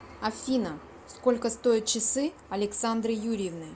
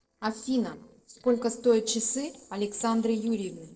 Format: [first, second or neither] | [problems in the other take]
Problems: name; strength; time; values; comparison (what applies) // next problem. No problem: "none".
first | noise reduction (neural separator model SepFormer DNS4)